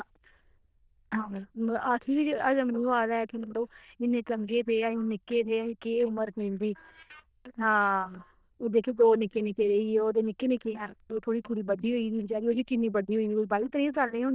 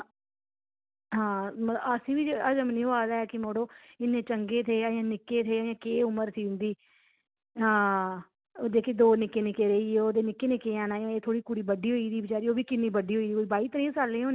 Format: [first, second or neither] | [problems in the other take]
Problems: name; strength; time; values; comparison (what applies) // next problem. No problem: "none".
second | noise reduction (neural diffusion model UNIVERSE++)